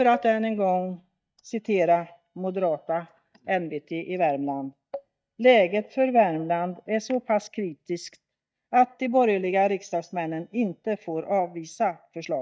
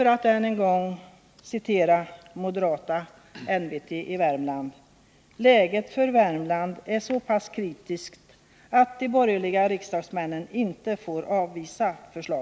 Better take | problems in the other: second | noise reduction (neural mask model DeepFilterNet 3)

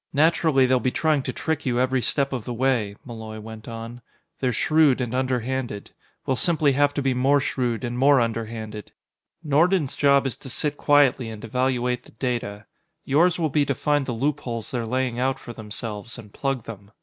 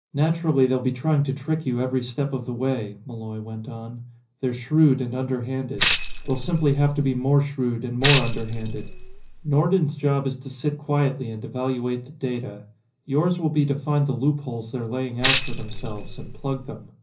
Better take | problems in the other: first | background sound (Tambourine); 3 dB below the speech // room echo; dies away in 0.5 s

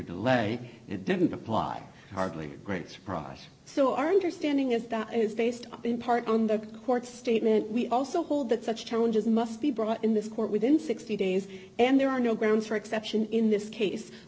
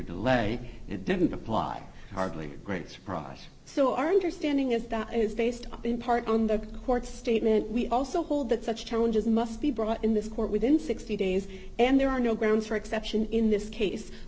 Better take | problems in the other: first | background sound (Bark); 13 dB below the speech

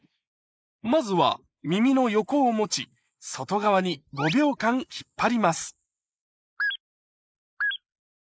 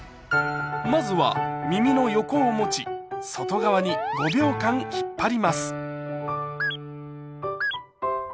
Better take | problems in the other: second | noise reduction (neural mask model Resemble Enhance denoiser)

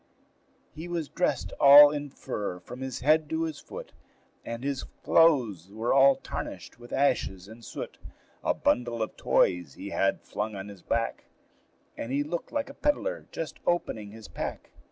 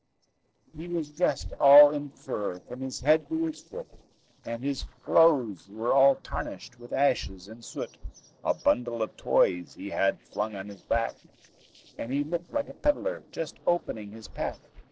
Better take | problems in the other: first | noise reduction (neural separator model SepFormer DNS4)

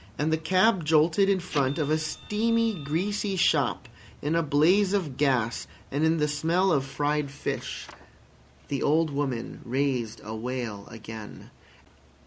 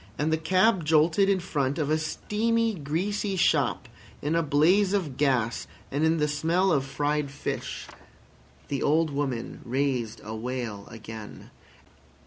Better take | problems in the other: second | background sound (Printer); 15 dB below the speech

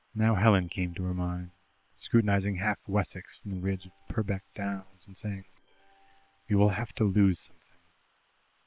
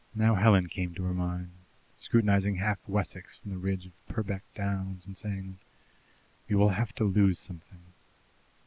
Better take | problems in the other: second | noise reduction (neural separator model SepFormer WHAM!)

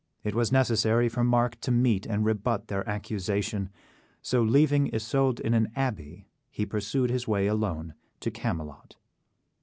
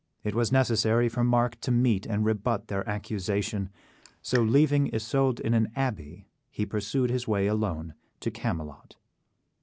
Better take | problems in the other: first | background sound (Raindrop); 18 dB below the speech

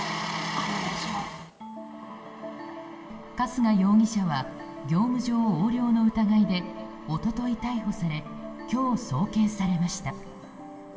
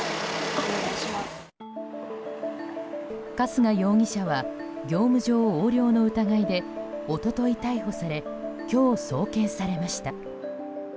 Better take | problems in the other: second | room echo; dies away in 2.1 s

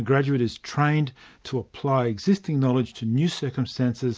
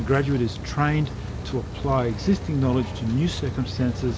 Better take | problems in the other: first | background sound (Rain); 7 dB below the speech

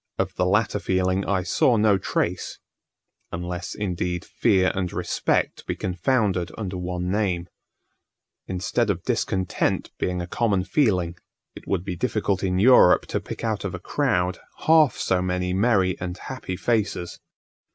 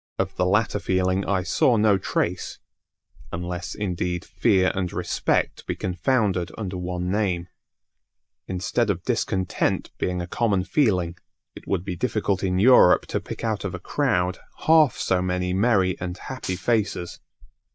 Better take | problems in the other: first | noise reduction (neural mask model DeepFilterNet 3)

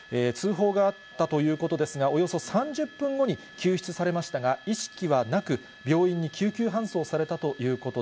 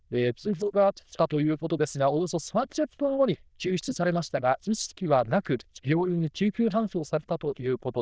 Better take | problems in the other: first | noise reduction (neural diffusion model UNIVERSE++)

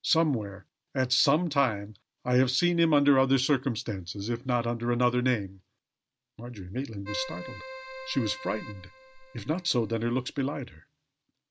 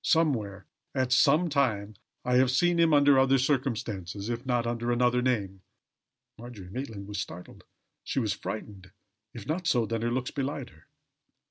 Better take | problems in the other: second | background sound (Keyboard (musical)); 14 dB below the speech

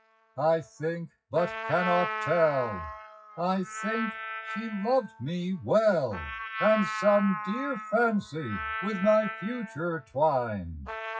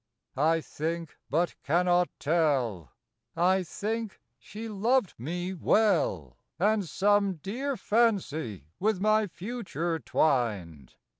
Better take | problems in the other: second | noise reduction (classical method WPE with log-MMSE)

